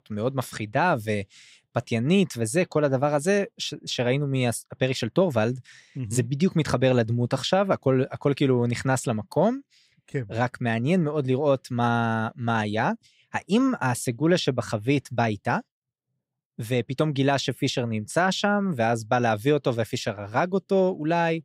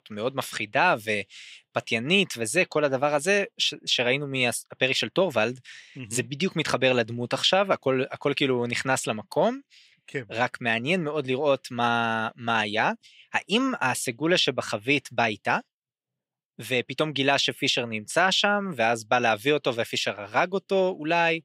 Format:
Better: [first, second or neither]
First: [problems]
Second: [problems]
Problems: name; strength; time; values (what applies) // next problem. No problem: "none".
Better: first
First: none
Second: thin; very slightly; fading below 400 Hz